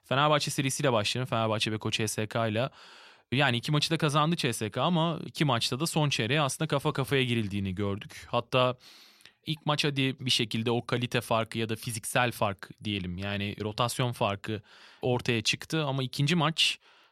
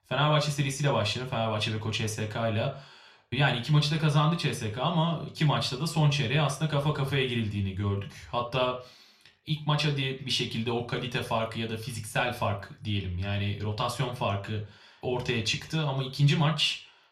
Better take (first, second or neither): first